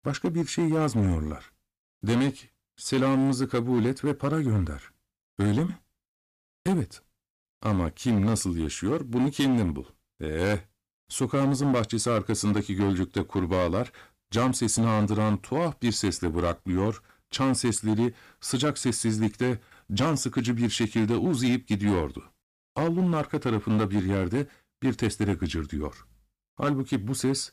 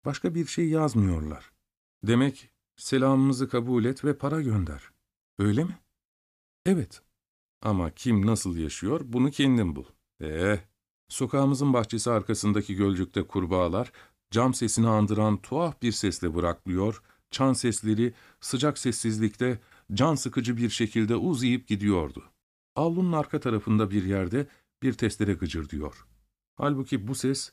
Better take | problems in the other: second | distortion; slight; 9% of the sound clipped

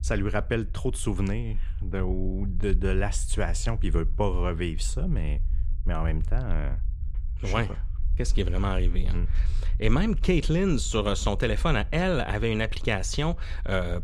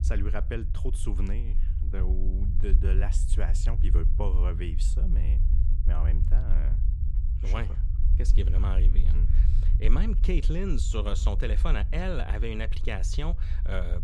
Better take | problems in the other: first | low rumble; loud; throughout; 10 dB below the speech; faint in the first

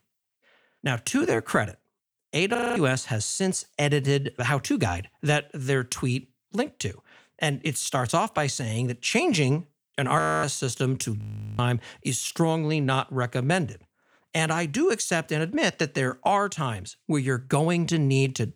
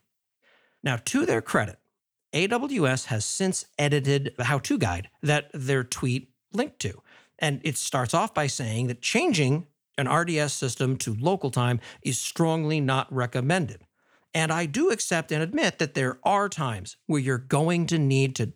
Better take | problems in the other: second | audio freezing; at 2.5 s, at 10 s and at 11 s

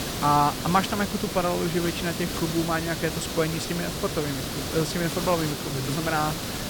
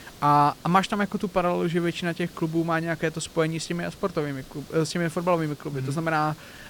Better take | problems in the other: second | hiss; loud; throughout; 4 dB below the speech; faint in the second

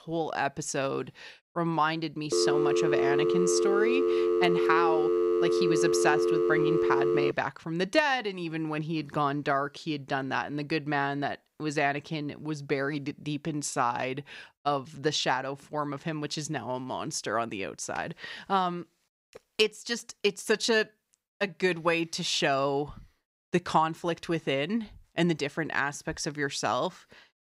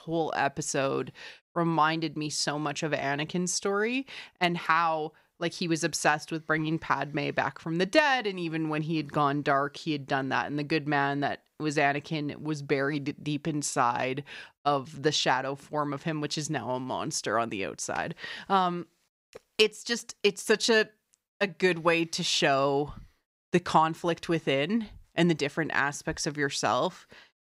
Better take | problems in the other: second | phone ringing; loud; from 2.5 to 7.5 s; peak 4 dB above the speech

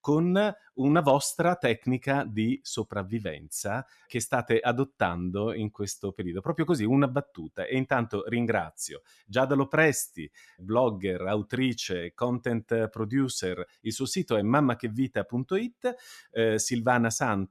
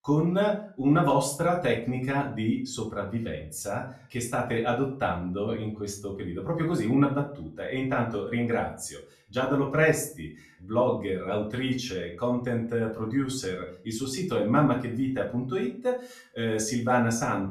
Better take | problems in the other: first | off-mic speech; far // room echo; slight; dies away in 0.3 s

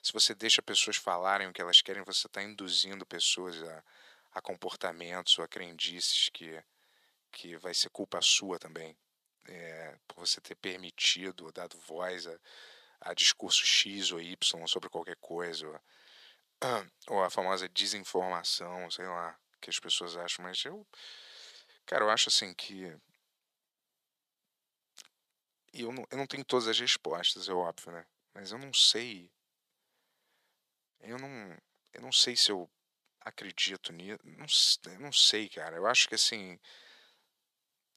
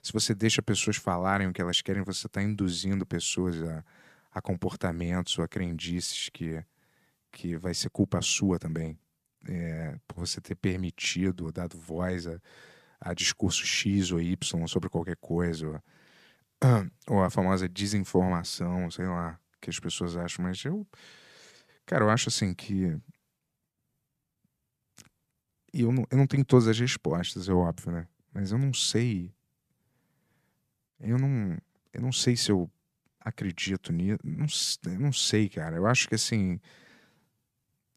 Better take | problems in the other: second | thin; very; fading below 600 Hz

